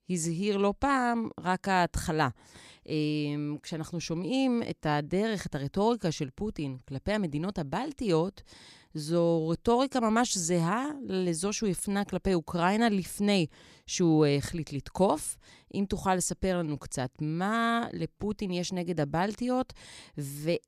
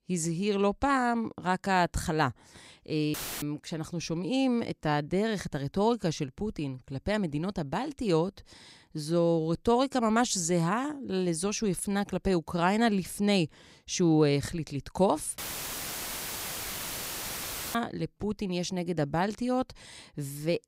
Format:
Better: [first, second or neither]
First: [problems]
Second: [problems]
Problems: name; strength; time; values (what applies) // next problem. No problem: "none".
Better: first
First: none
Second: audio cutting out; filled with static; at 3 s and at 15 s for 2.5 s